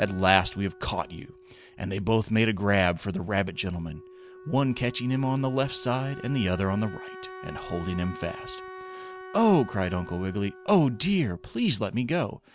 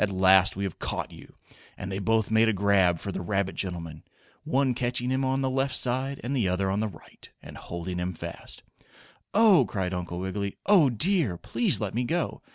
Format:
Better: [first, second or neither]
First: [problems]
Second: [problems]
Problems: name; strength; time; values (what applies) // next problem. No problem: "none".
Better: second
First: background sound (Wind instrument, woodwind instrument); 17 dB below the speech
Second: none